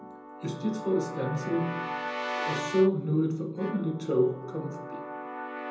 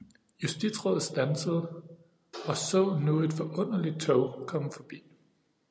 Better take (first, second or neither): second